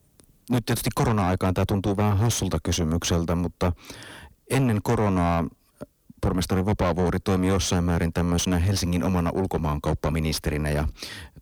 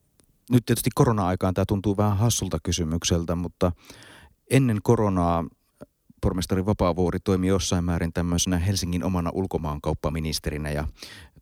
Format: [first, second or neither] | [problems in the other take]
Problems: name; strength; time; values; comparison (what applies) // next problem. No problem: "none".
second | distortion; heavy; 7 dB below the speech